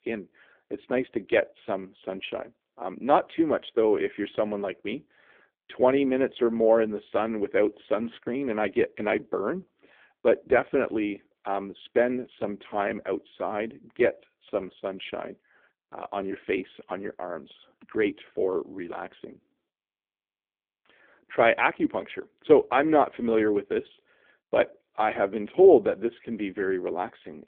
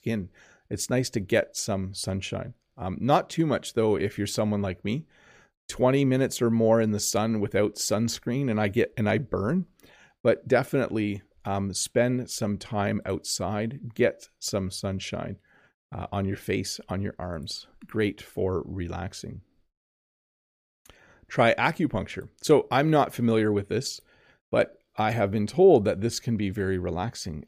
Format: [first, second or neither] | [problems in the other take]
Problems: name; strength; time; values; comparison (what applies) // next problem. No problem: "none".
second | phone-call audio; poor line; nothing above 3.5 kHz